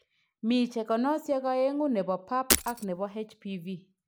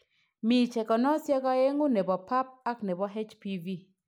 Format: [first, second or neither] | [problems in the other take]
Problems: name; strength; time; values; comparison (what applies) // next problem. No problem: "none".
second | background sound (Shatter); as loud as the speech